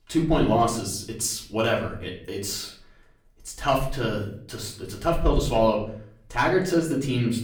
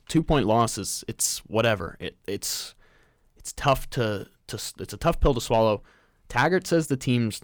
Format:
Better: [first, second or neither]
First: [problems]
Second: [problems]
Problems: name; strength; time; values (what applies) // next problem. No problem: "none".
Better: second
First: off-mic speech; far // room echo; slight; dies away in 0.5 s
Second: none